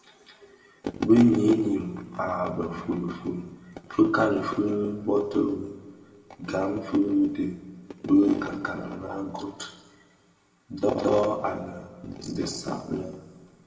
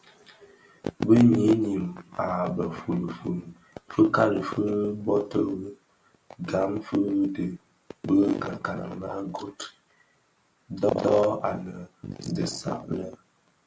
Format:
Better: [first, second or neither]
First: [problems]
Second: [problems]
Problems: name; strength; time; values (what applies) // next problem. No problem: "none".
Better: second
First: room echo; dies away in 1.7 s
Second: none